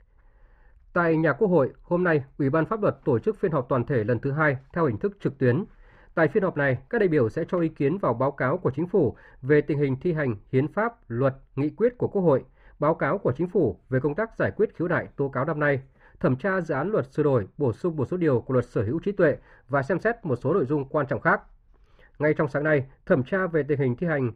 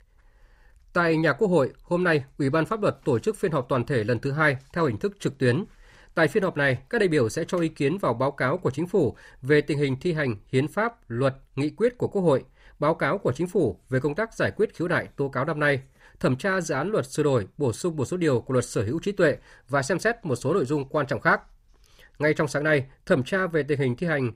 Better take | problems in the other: second | muffled; very; fading above 3.5 kHz

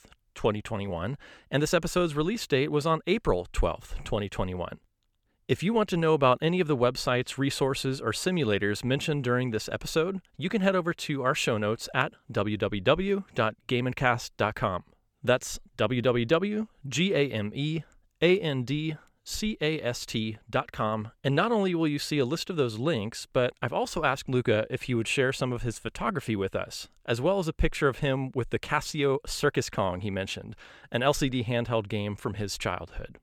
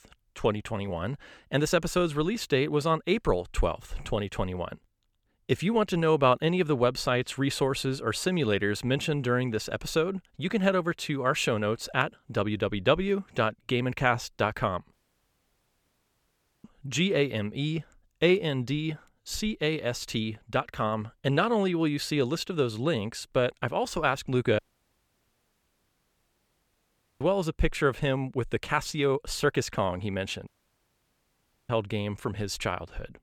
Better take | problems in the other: first | audio cutting out; at 15 s for 1.5 s, at 25 s for 2.5 s and at 30 s for 1 s

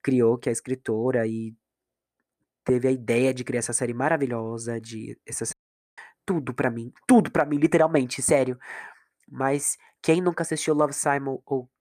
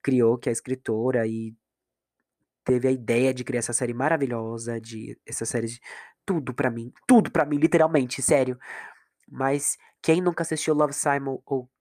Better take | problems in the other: second | audio cutting out; at 5.5 s

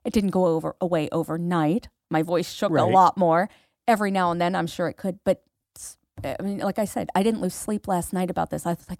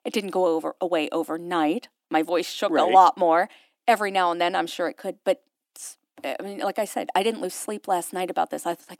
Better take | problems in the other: first | thin; somewhat; fading below 300 Hz

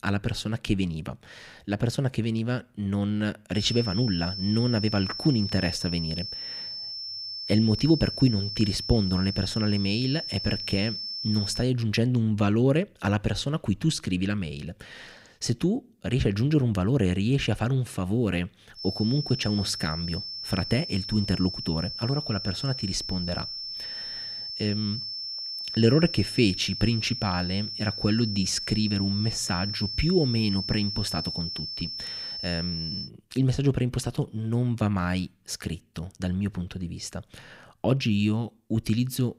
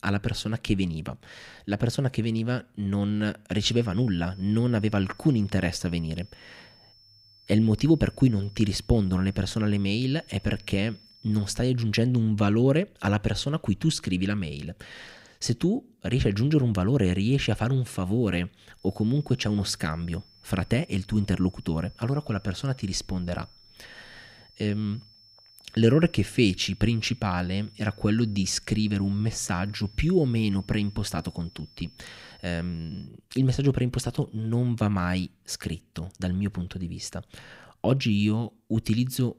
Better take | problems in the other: second | high-pitched whine; loud; from 3.5 to 12 s and from 19 to 33 s; 5.5 kHz, 5 dB below the speech; faint in the second

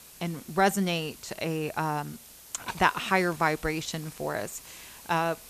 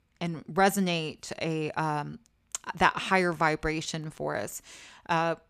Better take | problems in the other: second | hiss; noticeable; throughout; 15 dB below the speech

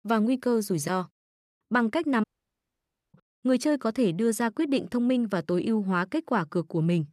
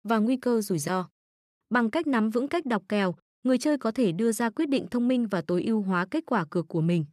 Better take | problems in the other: second | audio cutting out; at 2 s for 1 s

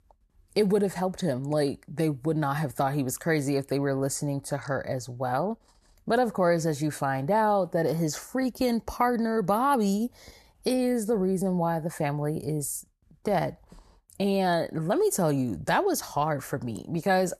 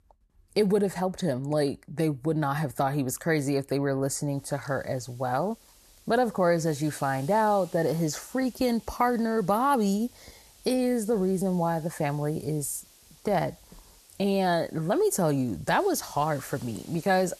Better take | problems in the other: first | hiss; faint; from 4.5 s on; 25 dB below the speech

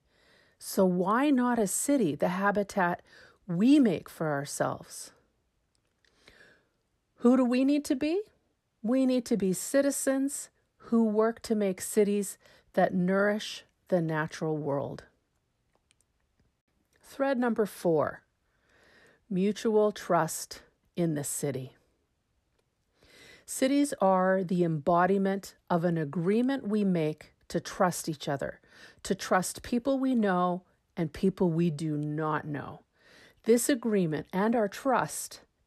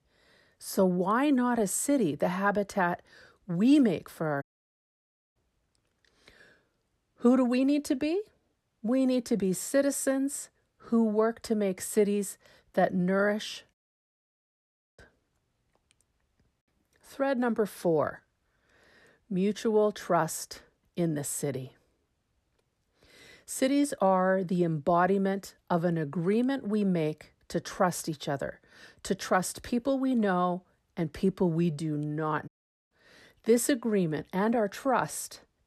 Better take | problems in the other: first | audio cutting out; at 4.5 s for 1 s, at 14 s for 1 s and at 32 s

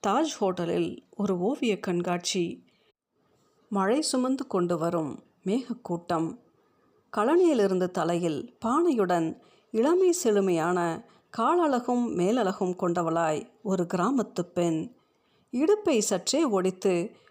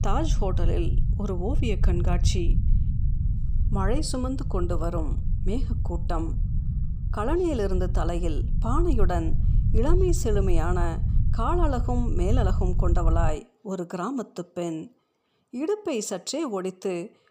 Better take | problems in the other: first | low rumble; noticeable; until 13 s; 15 dB below the speech

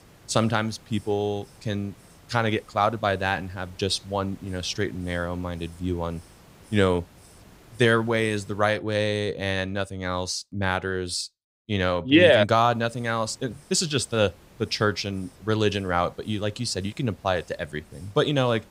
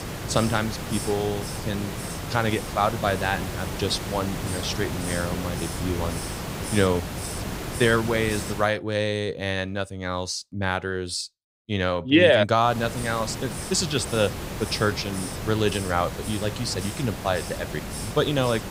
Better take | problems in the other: first | hiss; loud; until 8.5 s and from 13 s on; 6 dB below the speech; faint in the first

